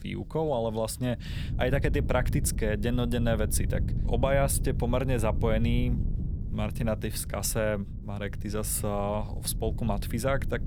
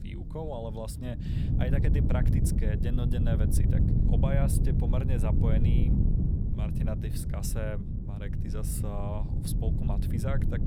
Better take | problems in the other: first | wind noise on the microphone; heavy; 1 dB below the speech; occasional gusts in the first

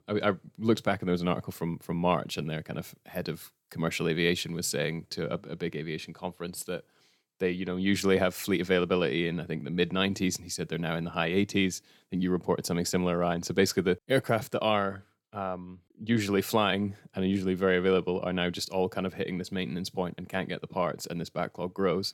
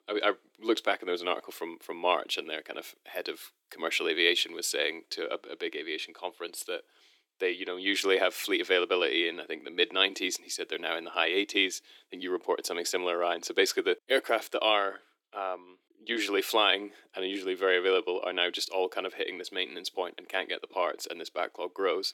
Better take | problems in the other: first | thin; very; fading below 300 Hz

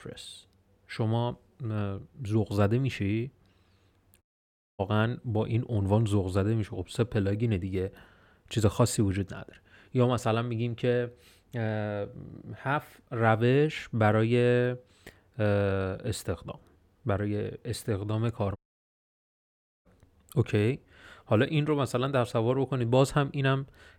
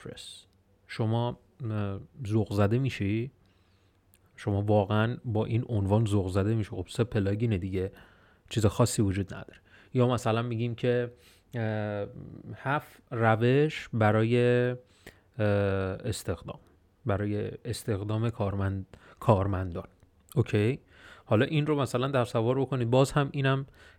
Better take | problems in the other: second | audio cutting out; at 4 s for 0.5 s and at 19 s for 1.5 s

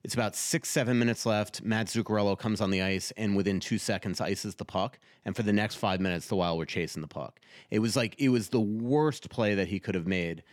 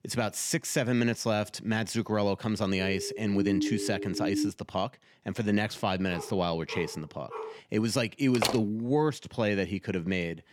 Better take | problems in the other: first | siren; loud; from 3 to 4.5 s; peak level with the speech // dog barking; faint; from 6 to 7.5 s; peak 10 dB below the speech // door banging; noticeable; at 8.5 s; peak level with the speech

